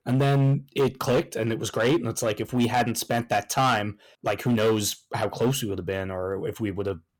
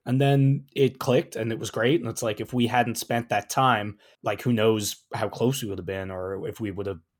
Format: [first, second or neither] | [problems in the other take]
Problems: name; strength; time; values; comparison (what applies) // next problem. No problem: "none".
second | distortion; slight; 8% of the sound clipped